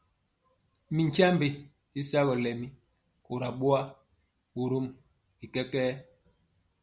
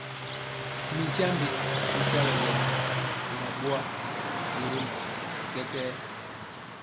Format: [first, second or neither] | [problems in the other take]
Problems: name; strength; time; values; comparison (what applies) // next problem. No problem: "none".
first | background sound (Car passing by); 5 dB above the speech